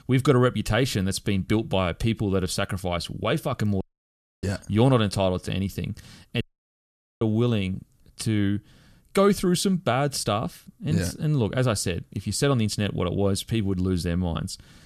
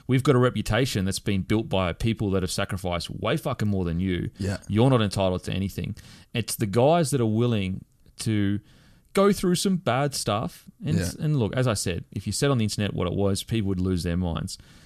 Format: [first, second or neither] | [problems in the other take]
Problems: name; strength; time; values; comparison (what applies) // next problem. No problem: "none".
second | audio cutting out; at 4 s for 0.5 s and at 6.5 s for 1 s